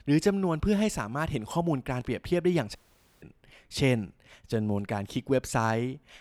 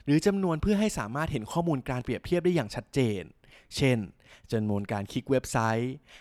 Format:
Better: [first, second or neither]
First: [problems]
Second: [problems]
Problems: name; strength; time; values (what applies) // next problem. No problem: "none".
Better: second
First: audio cutting out; at 3 s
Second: none